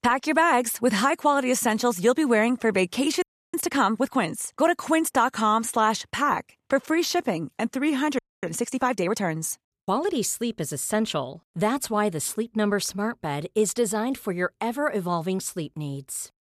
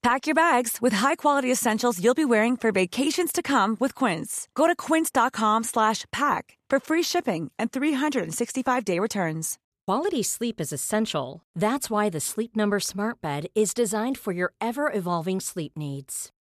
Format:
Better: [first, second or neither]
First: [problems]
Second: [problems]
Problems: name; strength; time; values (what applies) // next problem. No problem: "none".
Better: second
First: audio freezing; at 3 s and at 8 s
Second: none